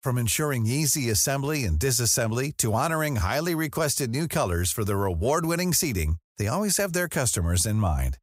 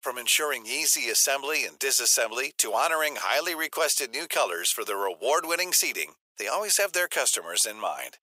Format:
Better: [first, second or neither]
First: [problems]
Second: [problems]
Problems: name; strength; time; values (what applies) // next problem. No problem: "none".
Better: first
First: none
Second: thin; very; fading below 450 Hz